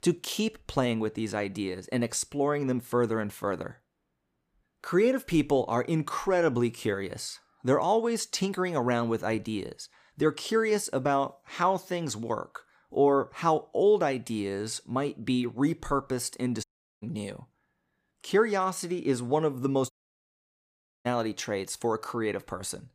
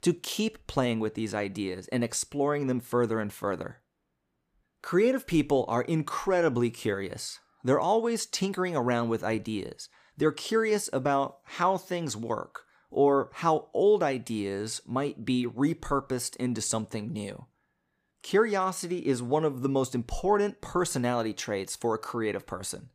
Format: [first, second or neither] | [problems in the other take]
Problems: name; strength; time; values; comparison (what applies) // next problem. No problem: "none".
second | audio cutting out; at 17 s and at 20 s for 1 s